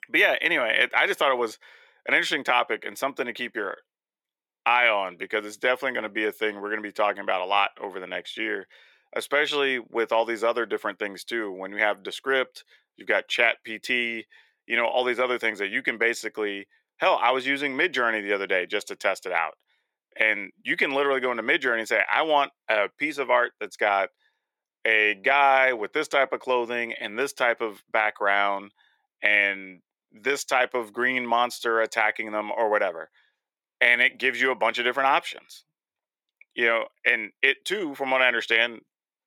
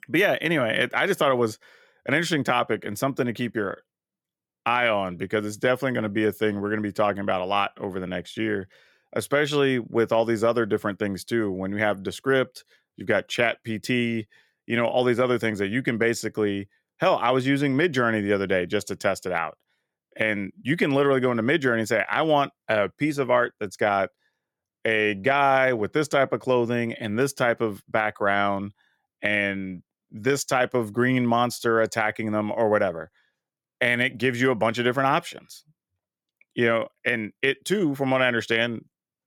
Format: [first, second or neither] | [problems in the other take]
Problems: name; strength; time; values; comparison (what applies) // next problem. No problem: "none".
second | thin; somewhat; fading below 400 Hz